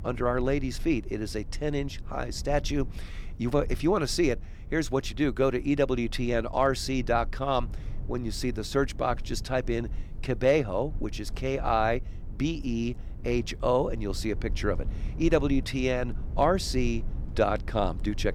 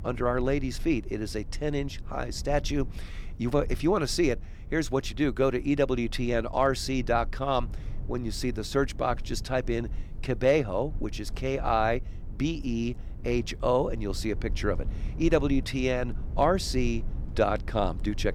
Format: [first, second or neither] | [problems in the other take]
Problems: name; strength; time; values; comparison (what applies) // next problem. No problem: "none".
neither | low rumble; faint; throughout; 25 dB below the speech; the same in both